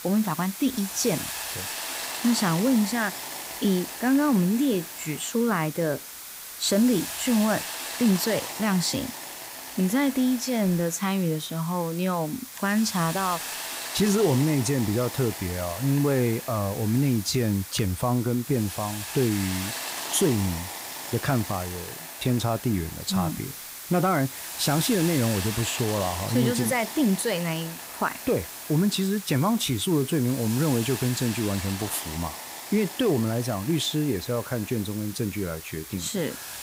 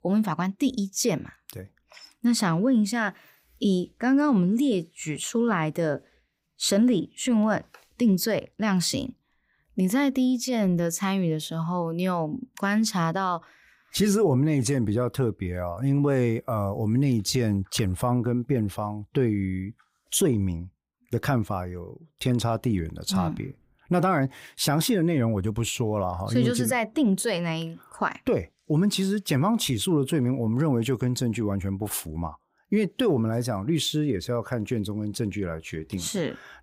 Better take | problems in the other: second | hiss; loud; throughout; 8 dB below the speech

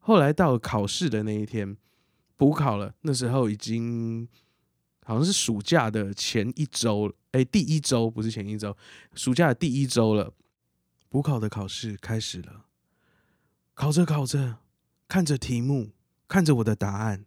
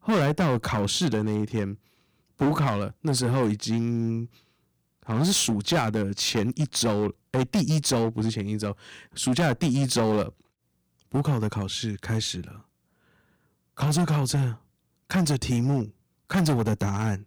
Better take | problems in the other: first | distortion; heavy; 10% of the sound clipped

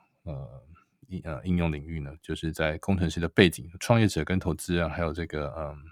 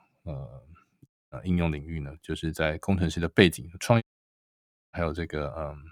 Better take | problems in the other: first | audio cutting out; at 1 s and at 4 s for 1 s

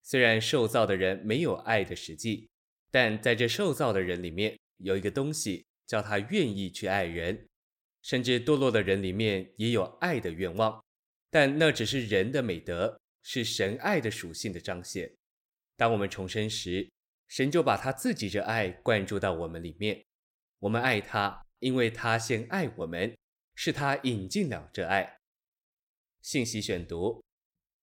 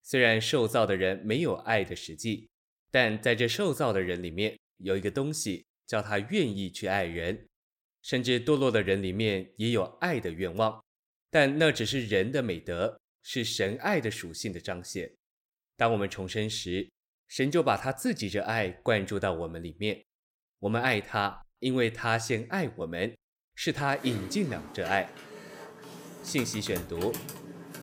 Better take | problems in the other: first | keyboard typing; noticeable; from 24 s on; peak 9 dB below the speech

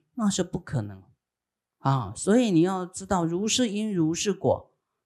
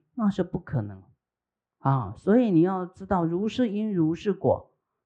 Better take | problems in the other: first | muffled; very; fading above 1.5 kHz

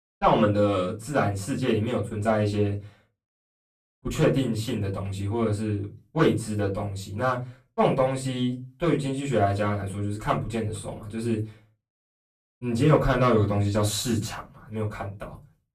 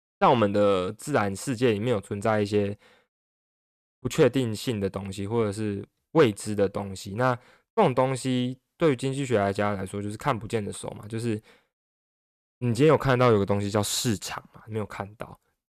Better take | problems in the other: second | off-mic speech; far // room echo; very slight; dies away in 0.3 s

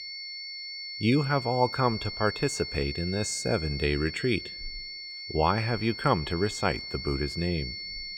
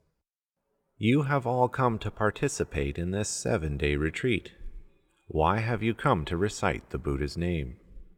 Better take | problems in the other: second | high-pitched whine; loud; throughout; 4.5 kHz, 7 dB below the speech

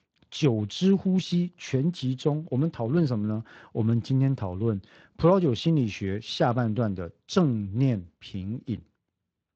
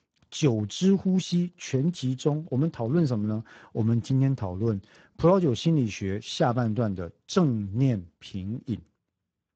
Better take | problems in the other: first | garbled, watery; badly; slightly in the first

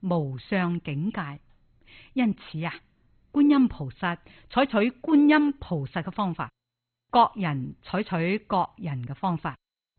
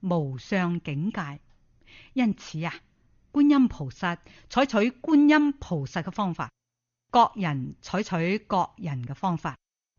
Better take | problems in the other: second | garbled, watery; badly; nothing above 4 kHz; slightly in the second

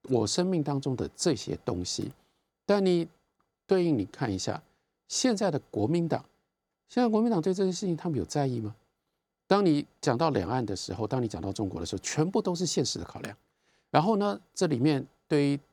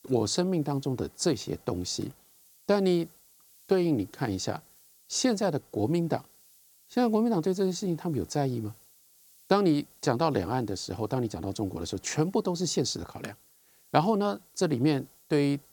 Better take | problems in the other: first | hiss; faint; throughout; 30 dB below the speech

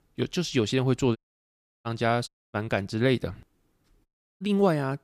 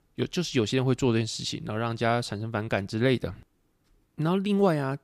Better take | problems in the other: second | audio cutting out; at 1 s for 0.5 s, at 2.5 s and at 4 s

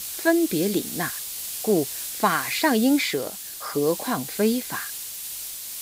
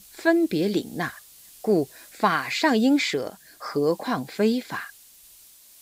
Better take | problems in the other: second | hiss; loud; throughout; 7 dB below the speech; faint in the second

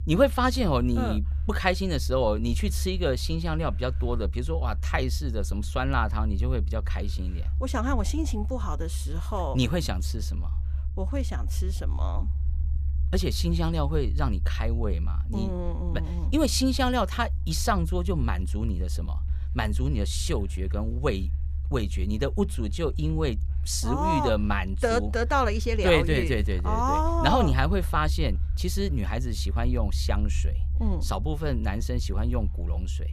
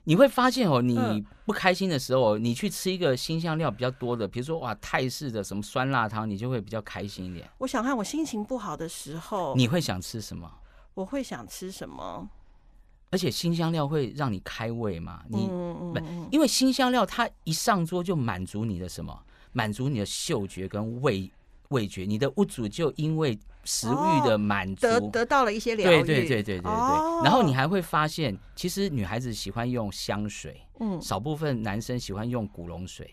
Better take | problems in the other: second | low rumble; noticeable; throughout; 20 dB below the speech

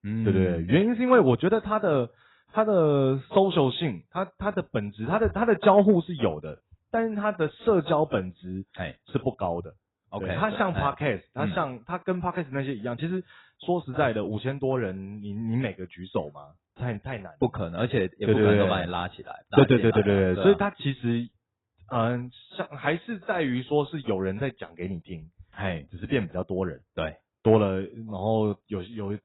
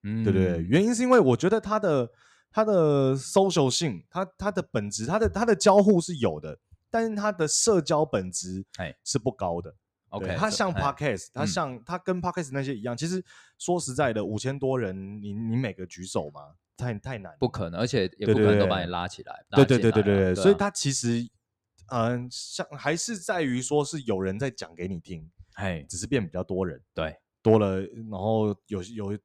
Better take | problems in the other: second | garbled, watery; badly; nothing above 4 kHz

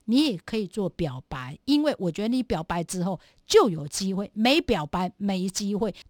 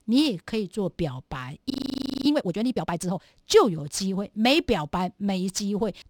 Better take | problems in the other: first | audio freezing; at 1.5 s for 0.5 s

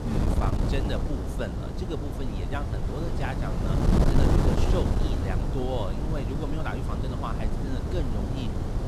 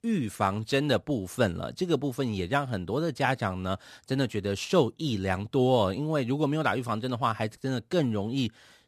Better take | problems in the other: second | wind noise on the microphone; heavy; 1 dB above the speech

